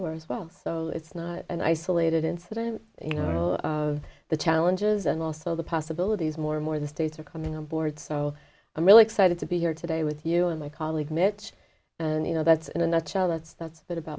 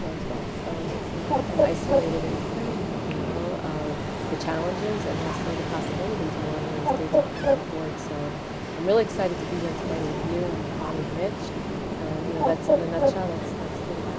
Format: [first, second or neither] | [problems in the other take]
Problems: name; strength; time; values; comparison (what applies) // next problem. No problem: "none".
first | background sound (Ocean + Bird); 4 dB above the speech